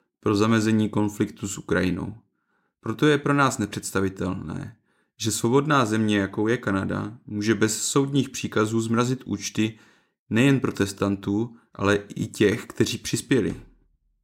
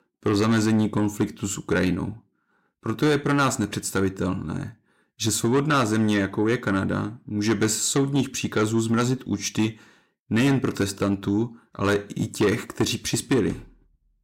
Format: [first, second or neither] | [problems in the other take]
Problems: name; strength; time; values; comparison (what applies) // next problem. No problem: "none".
first | distortion; slight; 10 dB below the speech